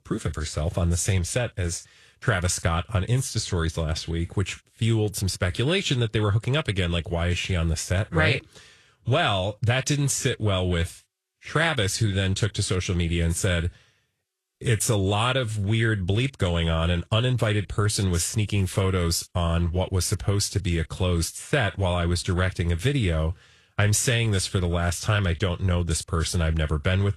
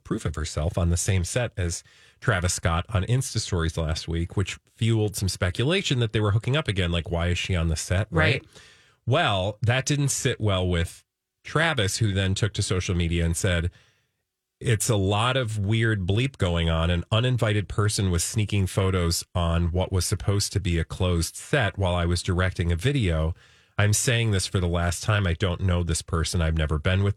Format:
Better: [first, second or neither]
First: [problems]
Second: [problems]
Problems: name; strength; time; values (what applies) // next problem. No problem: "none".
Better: second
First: garbled, watery; slightly; nothing above 12.5 kHz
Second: none